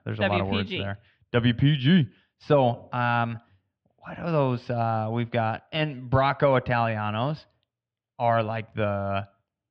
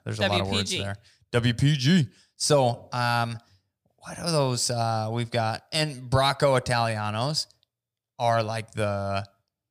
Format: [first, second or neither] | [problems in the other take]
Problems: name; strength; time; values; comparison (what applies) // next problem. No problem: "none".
second | muffled; very; fading above 3 kHz